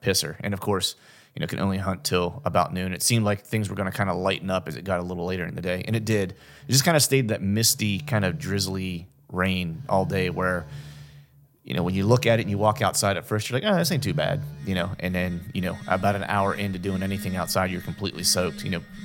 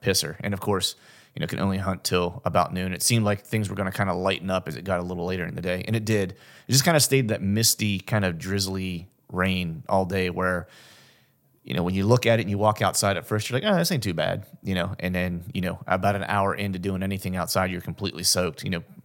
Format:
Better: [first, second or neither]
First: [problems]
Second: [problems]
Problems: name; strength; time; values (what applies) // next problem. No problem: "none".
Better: second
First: alarms or sirens; noticeable; throughout; 15 dB below the speech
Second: none